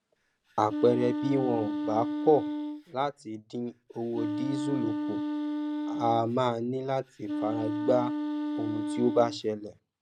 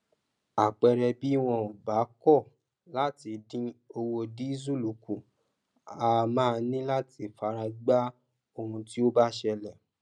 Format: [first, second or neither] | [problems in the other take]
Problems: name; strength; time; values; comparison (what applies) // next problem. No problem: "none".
second | background sound (Wind instrument, woodwind instrument); 3 dB below the speech